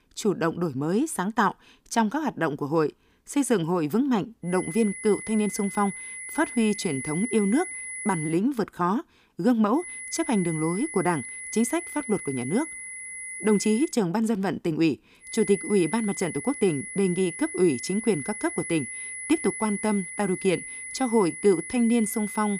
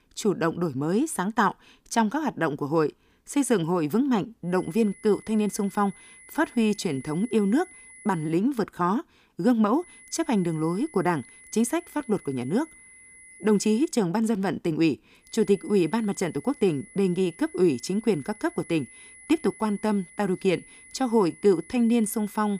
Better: second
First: high-pitched whine; loud; from 4.5 to 8.5 s, from 10 to 14 s and from 15 s on; 2 kHz, 9 dB below the speech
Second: high-pitched whine; faint; from 4.5 to 8.5 s, from 10 to 14 s and from 15 s on; 2 kHz, 20 dB below the speech

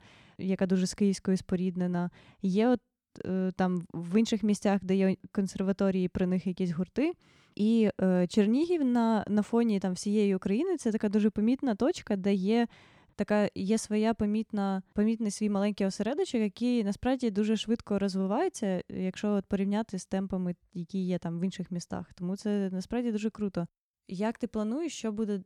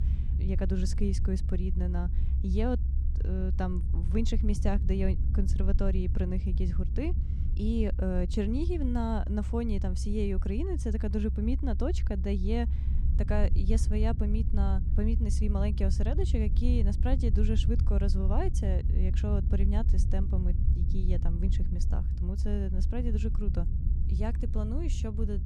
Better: first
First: none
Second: low rumble; loud; throughout; 10 dB below the speech

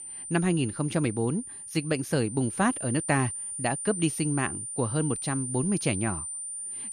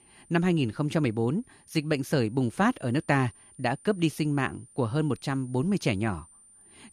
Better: second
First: high-pitched whine; loud; throughout; 9 kHz, 5 dB below the speech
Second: high-pitched whine; faint; throughout; 9 kHz, 25 dB below the speech

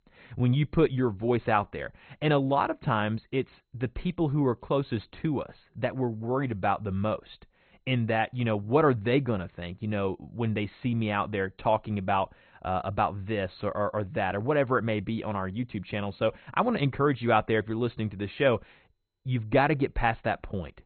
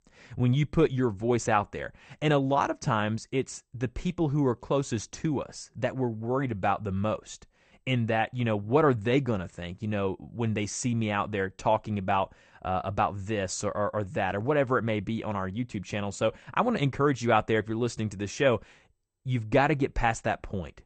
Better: second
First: garbled, watery; badly; nothing above 4 kHz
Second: garbled, watery; slightly; nothing above 8.5 kHz

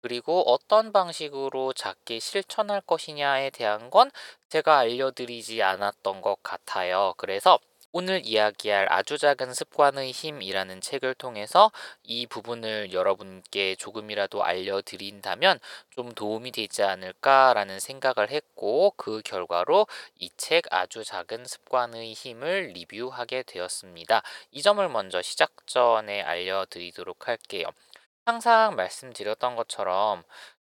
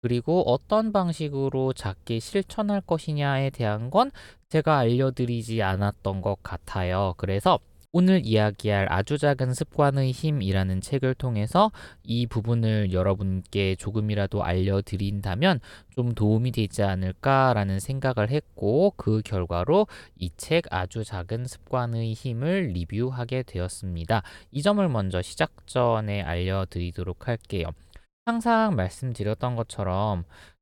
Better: second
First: thin; very; fading below 650 Hz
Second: none

